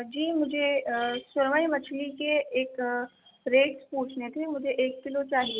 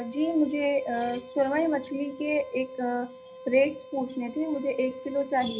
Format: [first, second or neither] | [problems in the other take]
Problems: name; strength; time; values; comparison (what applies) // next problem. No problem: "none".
first | background sound (Bowed string instrument); 16 dB below the speech // room echo; dies away in 0.5 s